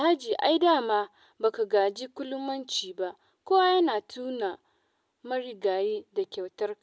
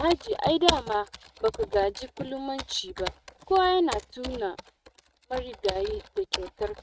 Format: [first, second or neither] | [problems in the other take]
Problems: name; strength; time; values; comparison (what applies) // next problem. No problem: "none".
first | noise reduction (neural mask model RNNoise)